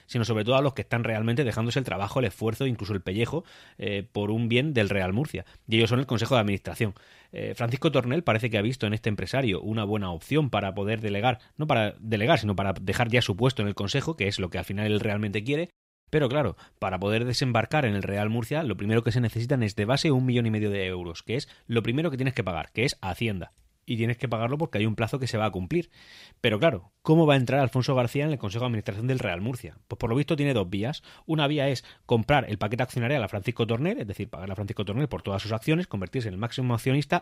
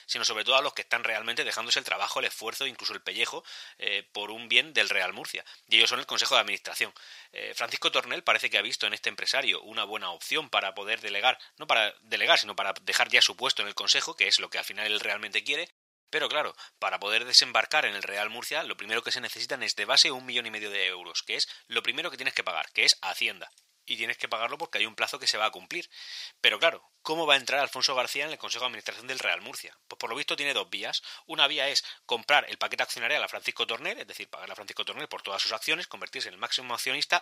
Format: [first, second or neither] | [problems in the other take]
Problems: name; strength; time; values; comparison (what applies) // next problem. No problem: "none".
first | thin; very; fading below 950 Hz